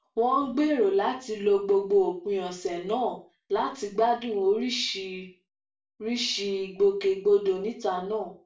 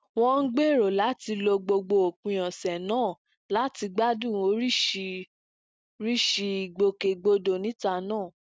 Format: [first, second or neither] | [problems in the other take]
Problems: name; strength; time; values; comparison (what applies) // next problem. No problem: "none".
second | room echo; dies away in 0.3 s